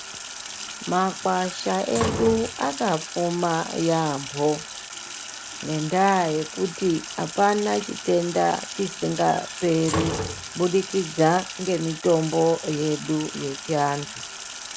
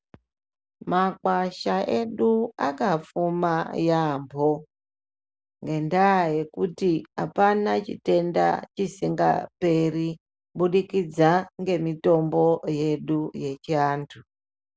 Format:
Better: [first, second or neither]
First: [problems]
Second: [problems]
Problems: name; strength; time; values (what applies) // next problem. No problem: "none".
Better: second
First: background sound (Slam + Sink (filling or washing)); 9 dB below the speech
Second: none